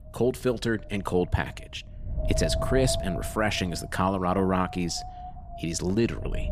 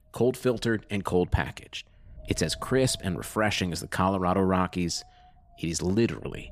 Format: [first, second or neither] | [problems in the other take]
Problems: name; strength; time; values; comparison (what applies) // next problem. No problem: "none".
second | wind noise on the microphone; heavy; 8 dB below the speech; occasional gusts in the second